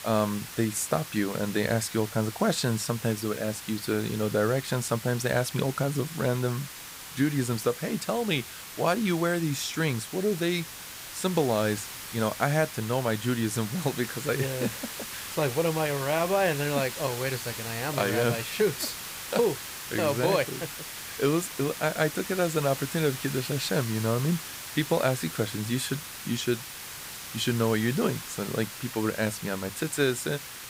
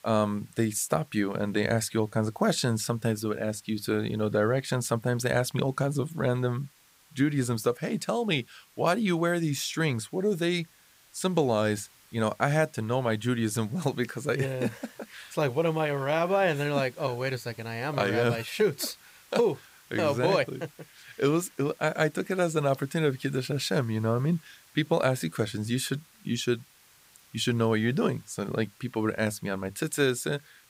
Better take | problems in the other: second | hiss; loud; throughout; 9 dB below the speech; faint in the second

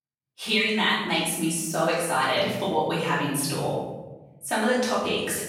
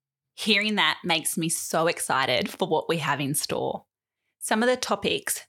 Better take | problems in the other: second | off-mic speech; far // room echo; strong; dies away in 1 s

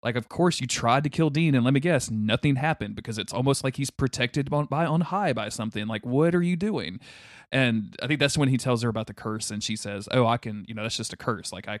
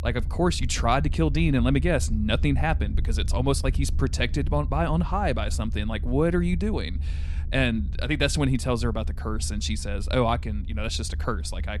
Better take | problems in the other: first | low rumble; faint; throughout; 20 dB below the speech

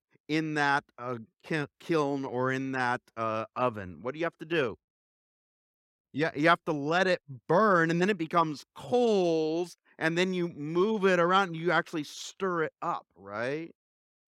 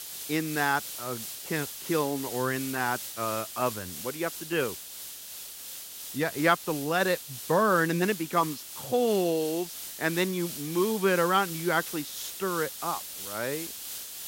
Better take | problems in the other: first | hiss; loud; throughout; 8 dB below the speech

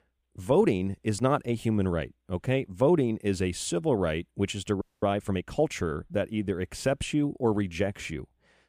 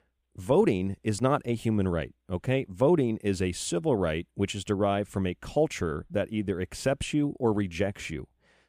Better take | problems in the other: second | audio freezing; at 5 s

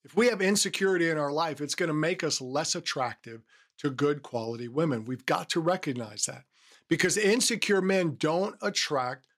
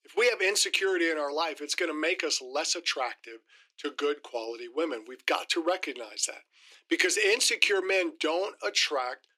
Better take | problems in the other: first | thin; very; fading below 300 Hz

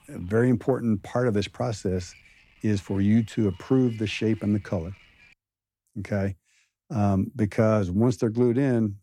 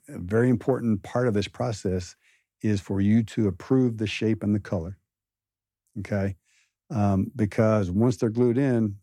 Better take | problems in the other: second | wind noise on the microphone; occasional gusts; until 5.5 s; 25 dB below the speech

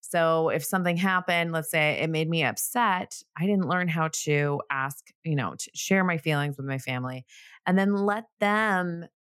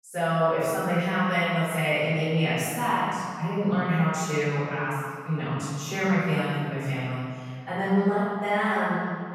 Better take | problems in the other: first | room echo; strong; dies away in 1.9 s // off-mic speech; far

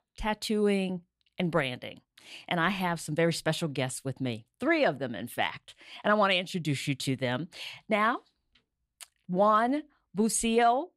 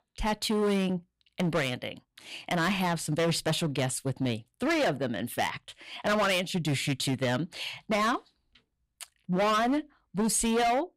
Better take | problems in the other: first | distortion; heavy; 14% of the sound clipped

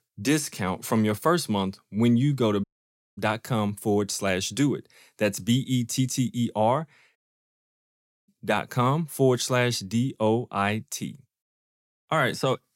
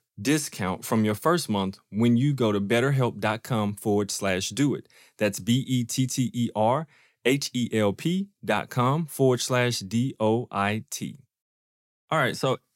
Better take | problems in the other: second | audio cutting out; at 2.5 s for 0.5 s and at 7 s for 1 s

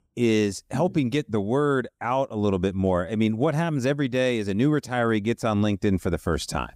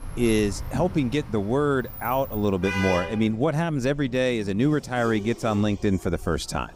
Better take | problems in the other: first | traffic noise; noticeable; throughout; 10 dB below the speech

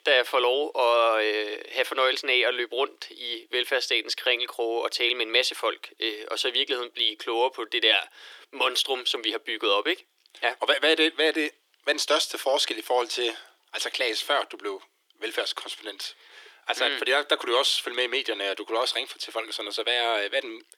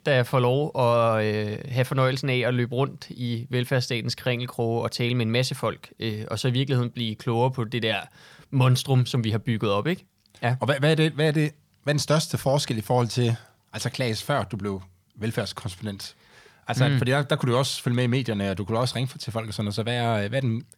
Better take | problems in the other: second | thin; very; fading below 300 Hz

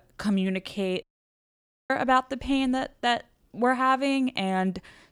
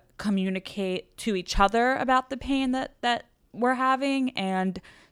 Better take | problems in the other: second | audio cutting out; at 1 s for 1 s

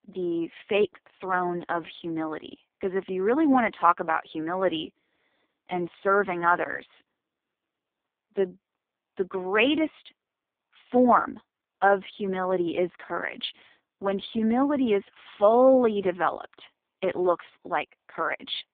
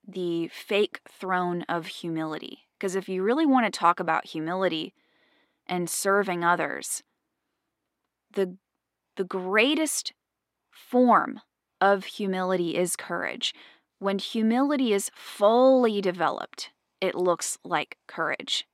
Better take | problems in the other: second | phone-call audio; poor line; nothing above 3.5 kHz

